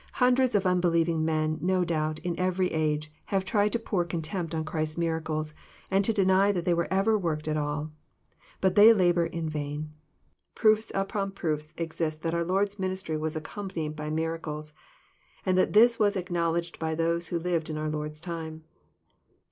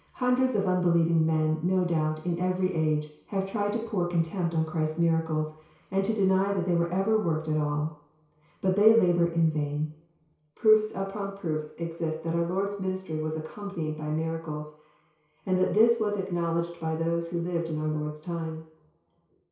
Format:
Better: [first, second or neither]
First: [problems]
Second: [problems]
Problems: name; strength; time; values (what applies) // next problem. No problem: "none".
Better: first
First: none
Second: room echo; dies away in 0.6 s